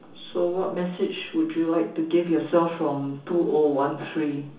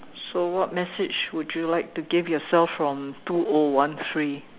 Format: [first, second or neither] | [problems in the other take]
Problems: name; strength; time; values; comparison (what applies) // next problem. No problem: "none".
second | room echo; dies away in 0.7 s